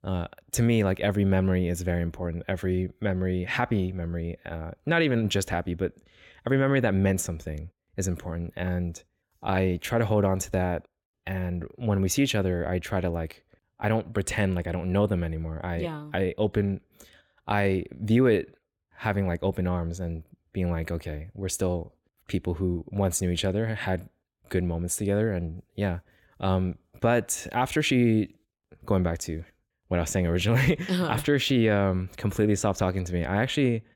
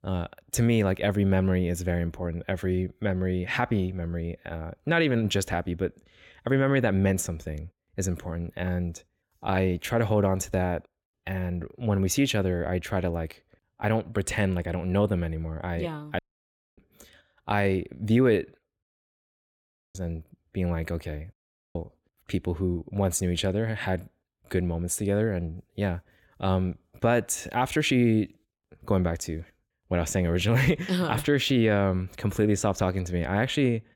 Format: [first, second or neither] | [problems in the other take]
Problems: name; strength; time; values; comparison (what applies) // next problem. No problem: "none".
first | audio cutting out; at 16 s for 0.5 s, at 19 s for 1 s and at 21 s